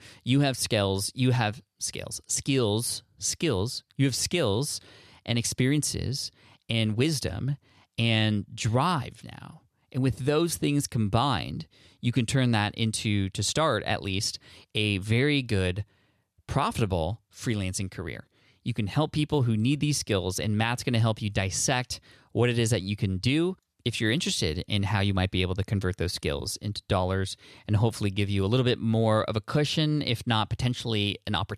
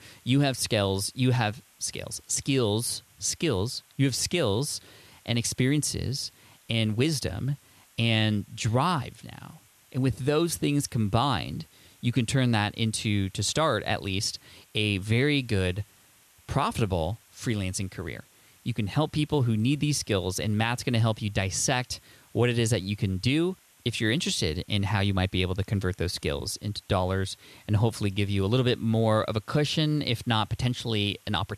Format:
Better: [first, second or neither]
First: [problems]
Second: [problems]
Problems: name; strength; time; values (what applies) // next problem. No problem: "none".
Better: first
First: none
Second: hiss; faint; throughout; 30 dB below the speech